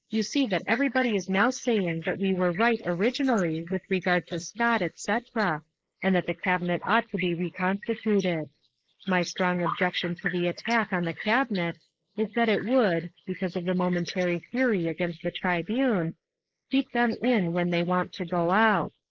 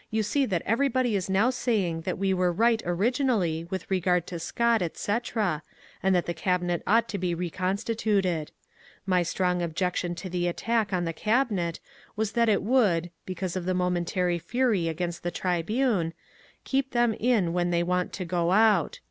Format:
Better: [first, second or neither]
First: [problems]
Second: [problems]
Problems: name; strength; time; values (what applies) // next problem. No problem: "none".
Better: second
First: noise reduction (neural mask model Resemble Enhance denoiser)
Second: none